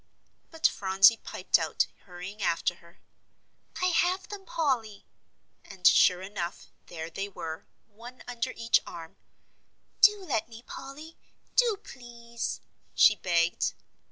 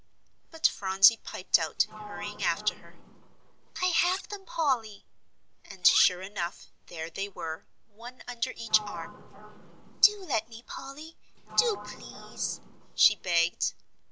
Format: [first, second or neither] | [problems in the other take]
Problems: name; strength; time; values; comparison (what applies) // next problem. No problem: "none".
first | background sound (Sliding door + Cutlery, silverware); 14 dB below the speech